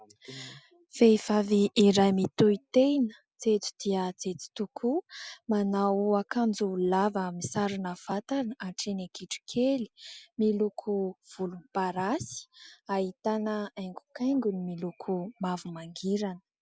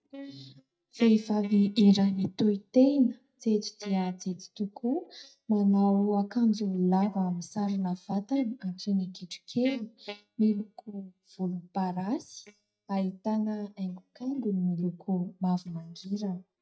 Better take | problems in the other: first | noise reduction (neural mask model DeepFilterNet 3)

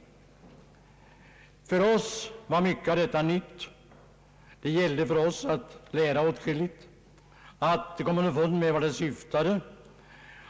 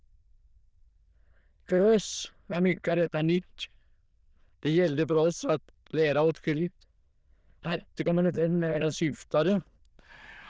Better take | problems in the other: first | noise reduction (neural diffusion model UNIVERSE++)

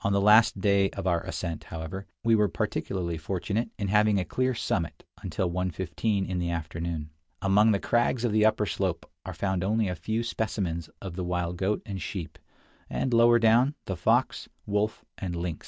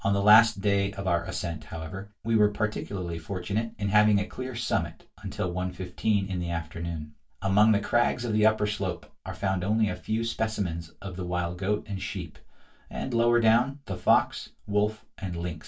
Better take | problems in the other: first | room echo; dies away in 0.2 s

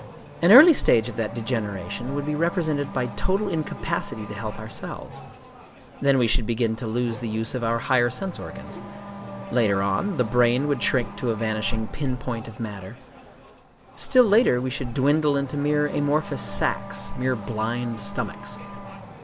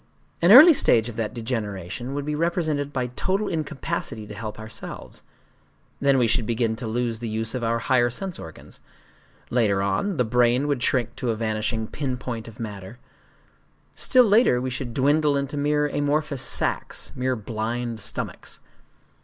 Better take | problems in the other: second | background sound (Race car, auto racing / Accelerating, revving, vroom); 14 dB below the speech

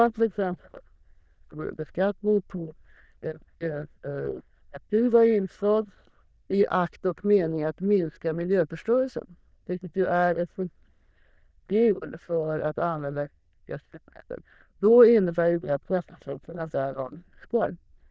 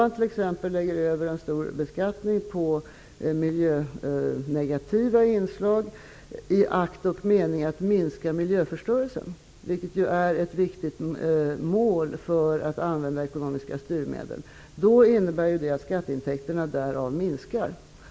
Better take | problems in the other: second | noise reduction (neural diffusion model UNIVERSE++)

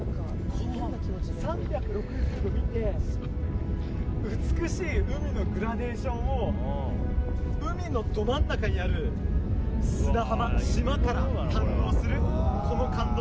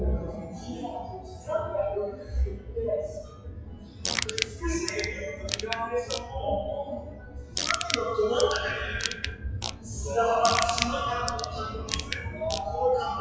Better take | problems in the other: first | noise reduction (classical method WPE with log-MMSE)

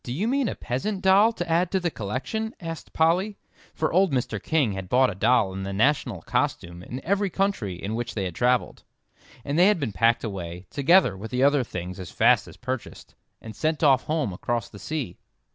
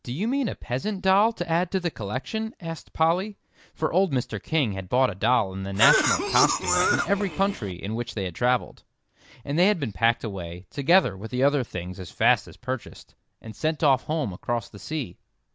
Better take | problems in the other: first | background sound (Cough); 1 dB above the speech

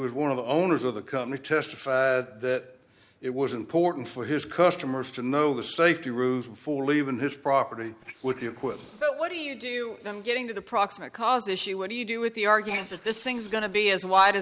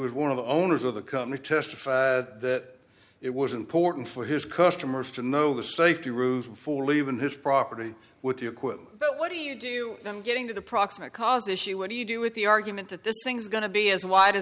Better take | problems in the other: second | noise reduction (neural mask model Resemble Enhance denoiser)

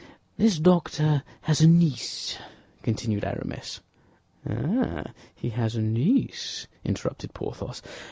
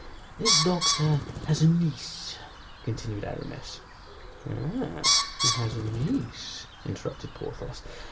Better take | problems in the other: first | background sound (Bird); 1 dB below the speech // room echo; dies away in 0.3 s

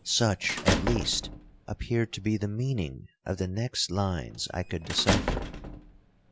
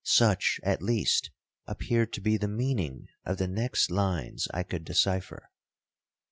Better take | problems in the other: second | background sound (Squeak / Slam / Human group actions); 4 dB below the speech

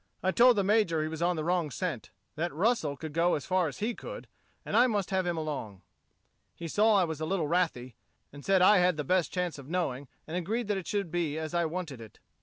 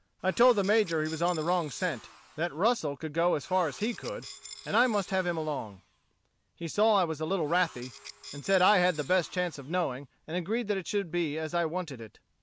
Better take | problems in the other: first | background sound (Tools); 19 dB below the speech

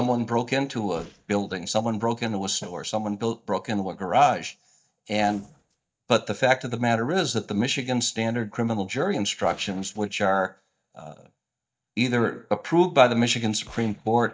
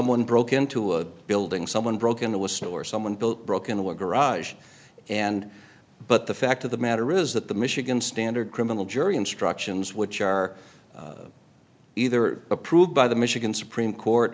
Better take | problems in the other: second | noise reduction (neural mask model DeepFilterNet 3)

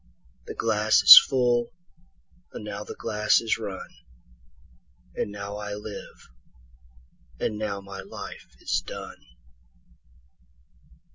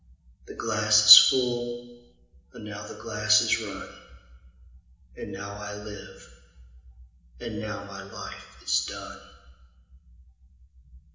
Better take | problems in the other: first | room echo; dies away in 1 s

